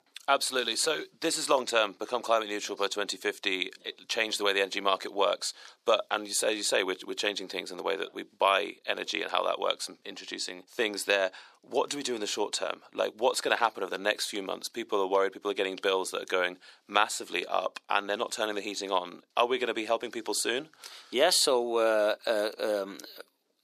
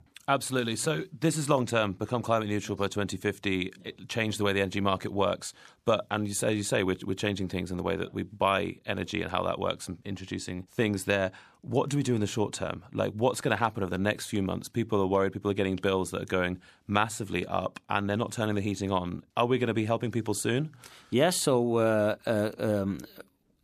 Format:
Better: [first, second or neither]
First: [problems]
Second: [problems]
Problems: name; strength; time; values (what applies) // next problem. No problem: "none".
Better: second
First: thin; very; fading below 400 Hz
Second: none